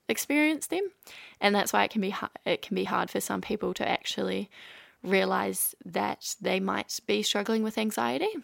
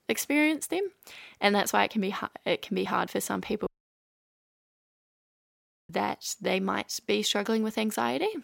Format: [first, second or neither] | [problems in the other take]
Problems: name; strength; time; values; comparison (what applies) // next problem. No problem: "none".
first | audio cutting out; at 3.5 s for 2 s